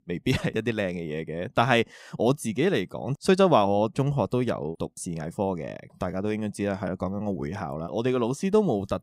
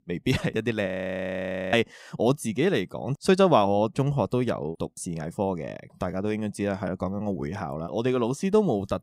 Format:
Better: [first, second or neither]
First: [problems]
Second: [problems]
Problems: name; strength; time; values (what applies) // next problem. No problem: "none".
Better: first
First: none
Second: audio freezing; at 1 s for 1 s